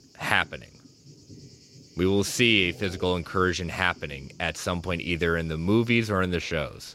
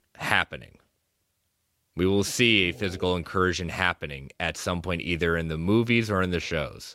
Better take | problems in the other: second | rain or running water; faint; throughout; 25 dB below the speech

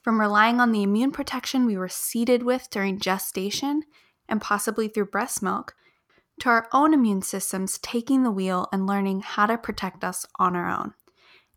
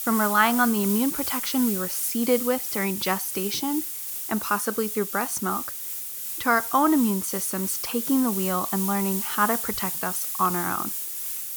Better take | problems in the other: first | hiss; loud; throughout; 3 dB below the speech

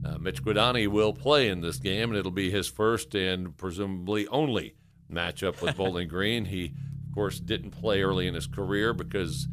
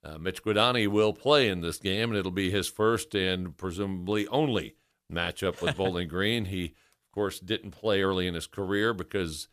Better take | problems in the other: second | low rumble; faint; throughout; 20 dB below the speech

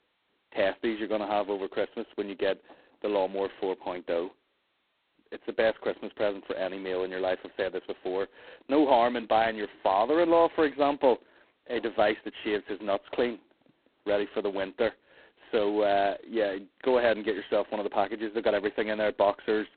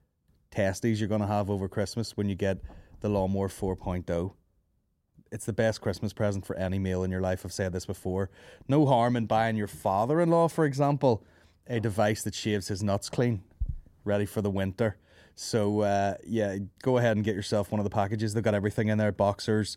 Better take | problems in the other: second | phone-call audio; poor line; nothing above 4 kHz

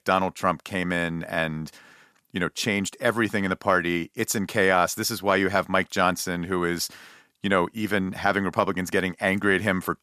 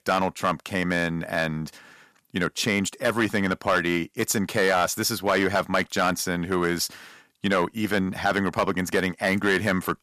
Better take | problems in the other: first | distortion; slight; 3% of the sound clipped

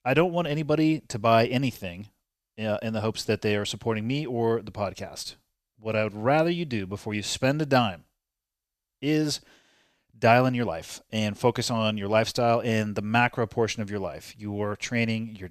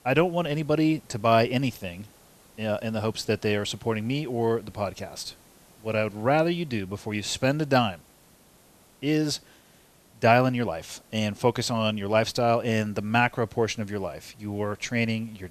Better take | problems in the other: first | hiss; faint; throughout; 30 dB below the speech

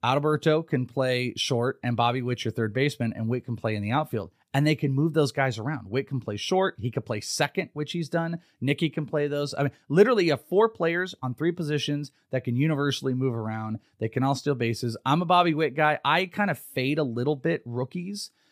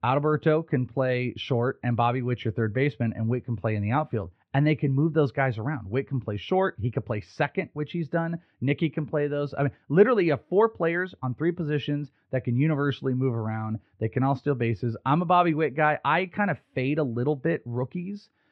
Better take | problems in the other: first | muffled; very; fading above 2.5 kHz

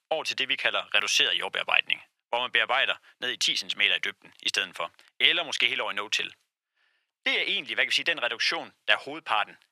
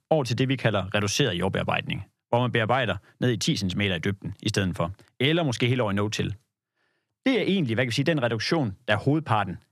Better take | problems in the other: second | thin; very; fading below 750 Hz

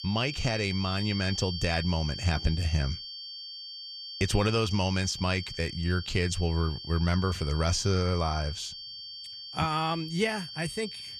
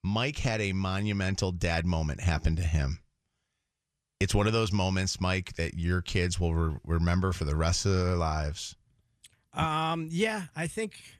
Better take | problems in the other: second | high-pitched whine; loud; throughout; 4.5 kHz, 9 dB below the speech

